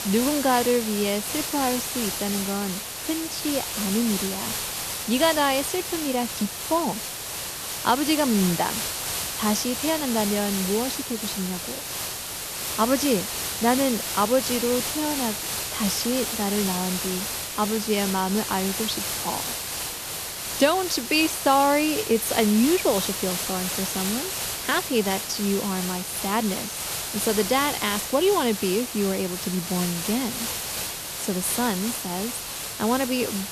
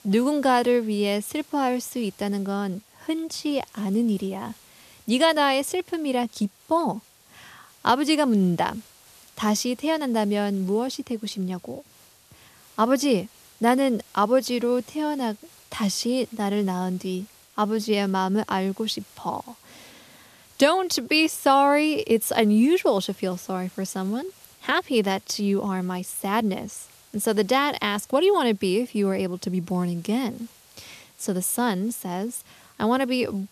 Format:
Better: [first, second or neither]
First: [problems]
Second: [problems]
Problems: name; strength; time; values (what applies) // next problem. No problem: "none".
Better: second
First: hiss; loud; throughout; 3 dB below the speech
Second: hiss; faint; throughout; 25 dB below the speech